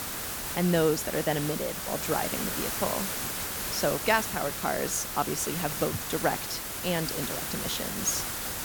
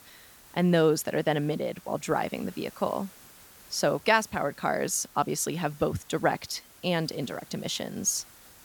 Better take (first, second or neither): second